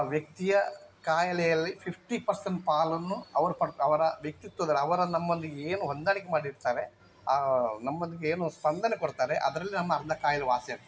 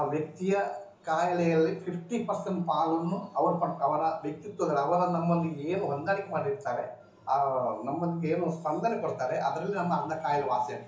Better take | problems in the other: first | room echo; dies away in 0.8 s

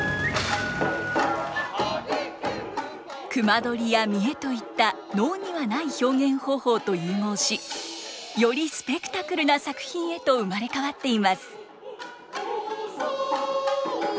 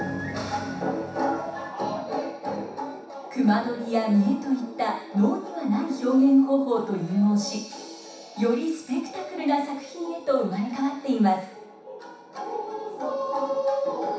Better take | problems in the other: first | room echo; dies away in 0.7 s

